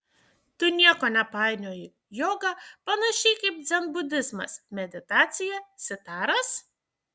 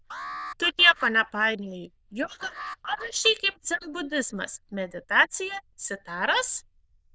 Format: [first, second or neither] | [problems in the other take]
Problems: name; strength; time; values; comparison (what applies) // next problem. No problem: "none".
first | noise reduction (neural diffusion model UNIVERSE++)